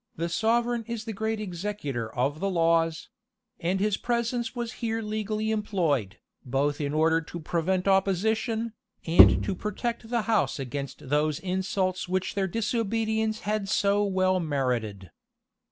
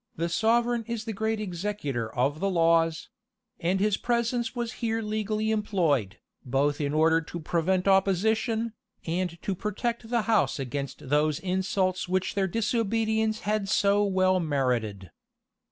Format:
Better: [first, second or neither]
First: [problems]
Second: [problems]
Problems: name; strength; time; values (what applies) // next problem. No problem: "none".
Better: second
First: background sound (Bowed string instrument); 4 dB above the speech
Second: none